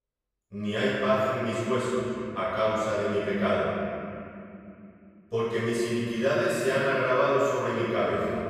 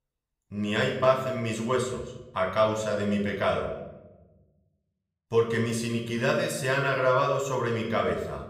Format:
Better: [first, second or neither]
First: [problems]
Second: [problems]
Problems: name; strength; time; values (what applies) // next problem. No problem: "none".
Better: second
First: room echo; strong; dies away in 2.7 s // off-mic speech; far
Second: room echo; slight; dies away in 0.8 s // off-mic speech; somewhat distant